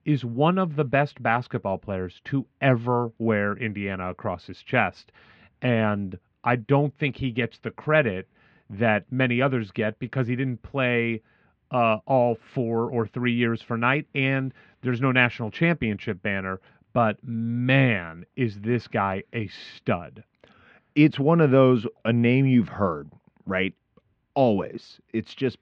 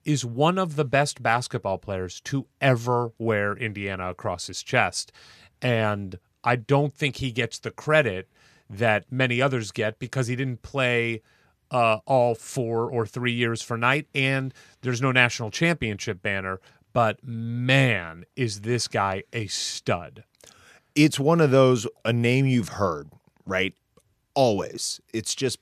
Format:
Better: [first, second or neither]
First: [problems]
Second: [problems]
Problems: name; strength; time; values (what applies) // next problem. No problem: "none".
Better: second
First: muffled; very; fading above 3 kHz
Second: none